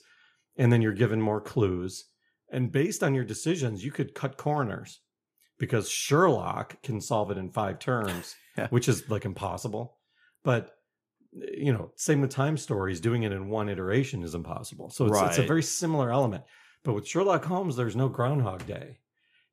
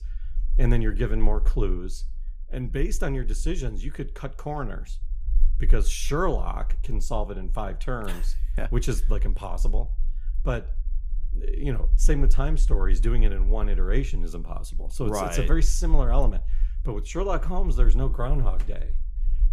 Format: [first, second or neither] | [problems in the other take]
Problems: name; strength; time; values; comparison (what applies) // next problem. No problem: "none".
first | low rumble; faint; throughout; 25 dB below the speech